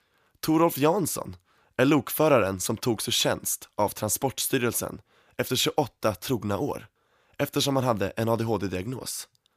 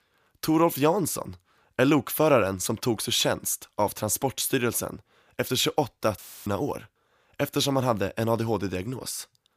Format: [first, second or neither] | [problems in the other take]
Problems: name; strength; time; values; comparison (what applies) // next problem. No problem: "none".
first | audio cutting out; filled with static; at 6 s